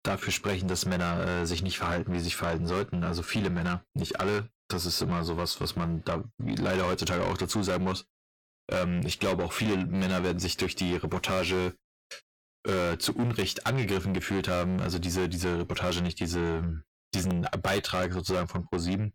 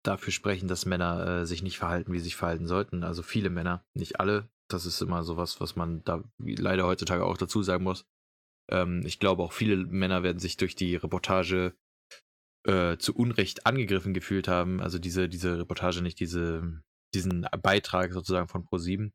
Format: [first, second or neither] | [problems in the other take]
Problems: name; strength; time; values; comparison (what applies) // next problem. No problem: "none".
second | distortion; heavy; 5 dB below the speech